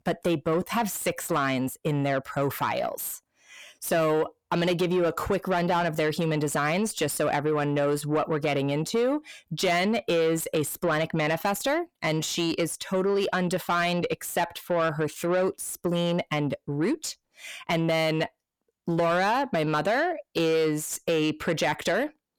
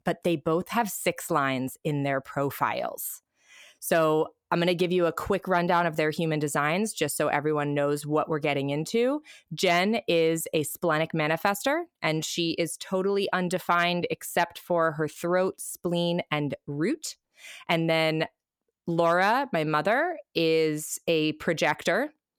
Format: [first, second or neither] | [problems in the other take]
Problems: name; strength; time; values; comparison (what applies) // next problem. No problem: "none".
second | distortion; slight; 10 dB below the speech